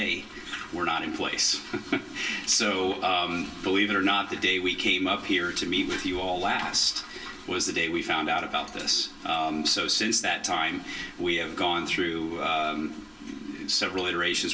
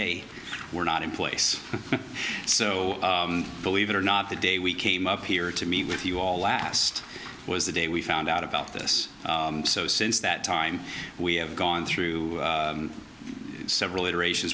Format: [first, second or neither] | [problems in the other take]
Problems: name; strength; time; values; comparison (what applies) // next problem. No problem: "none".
second | room echo; dies away in 0.1 s